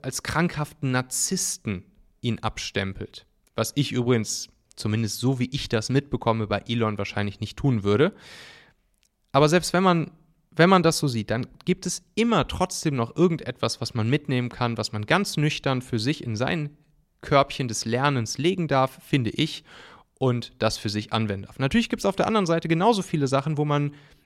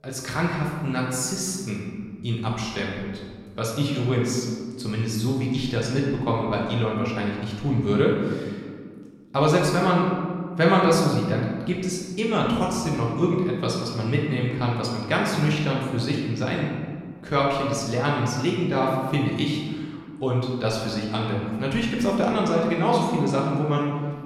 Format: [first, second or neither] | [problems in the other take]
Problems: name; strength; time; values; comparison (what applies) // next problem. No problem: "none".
first | room echo; noticeable; dies away in 1.5 s // off-mic speech; far